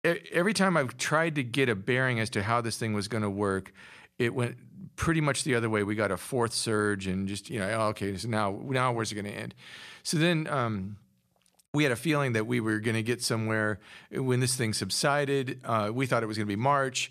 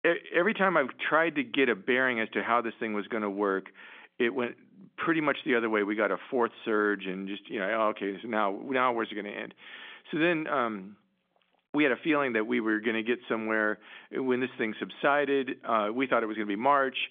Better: first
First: none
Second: phone-call audio; nothing above 3.5 kHz

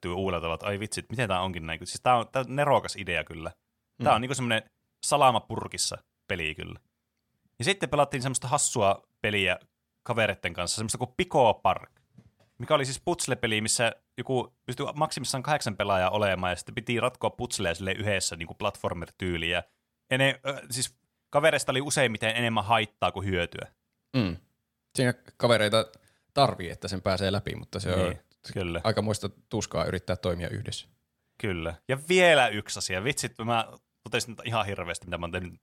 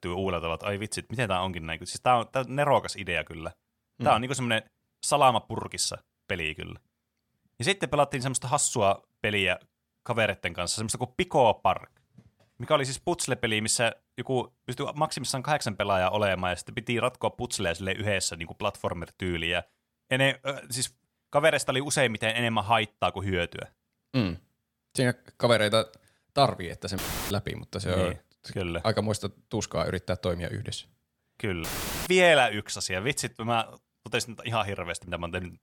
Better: first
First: none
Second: audio cutting out; filled with static; at 27 s and at 32 s

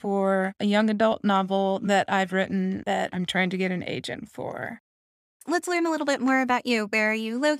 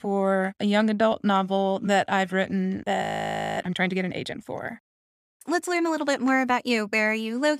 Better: first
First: none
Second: audio freezing; at 3 s for 0.5 s

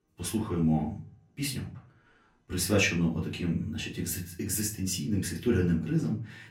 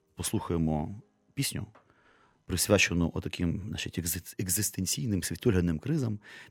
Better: second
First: room echo; slight; dies away in 0.3 s // off-mic speech; far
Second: none

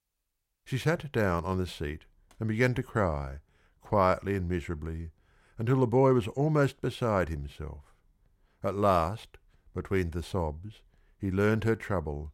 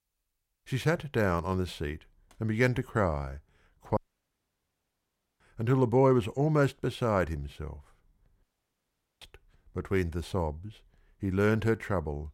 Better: first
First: none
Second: audio cutting out; at 4 s for 1.5 s and at 8.5 s for 1 s

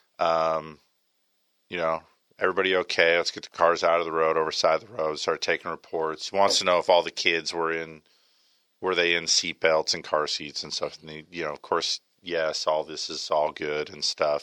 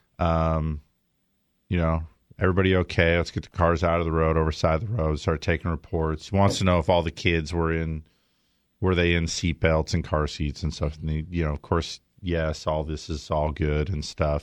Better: second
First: thin; very; fading below 550 Hz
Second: none

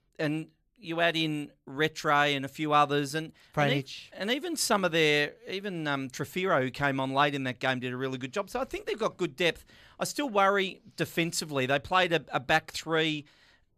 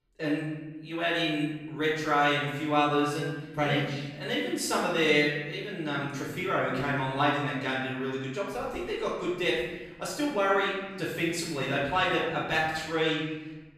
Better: first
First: none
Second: off-mic speech; far // room echo; noticeable; dies away in 1.1 s

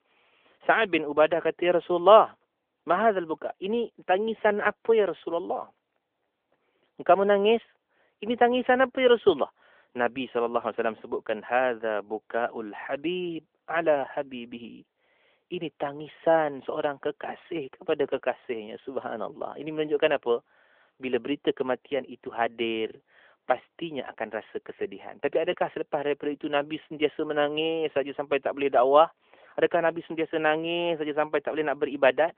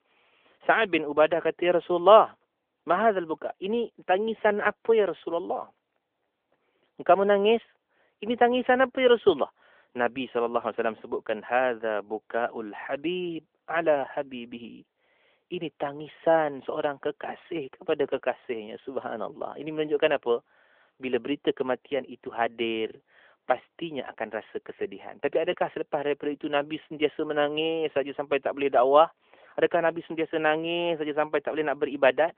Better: neither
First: phone-call audio; nothing above 3 kHz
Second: phone-call audio; nothing above 3 kHz

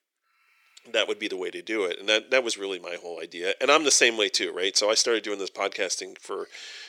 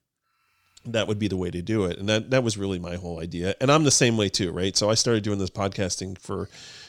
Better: second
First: thin; very; fading below 400 Hz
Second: none

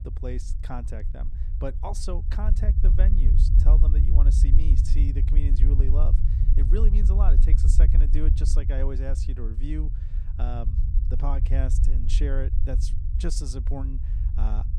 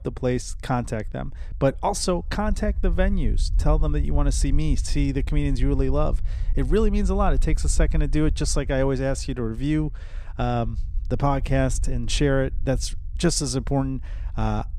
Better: second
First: low rumble; loud; throughout; 5 dB below the speech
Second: low rumble; faint; throughout; 25 dB below the speech

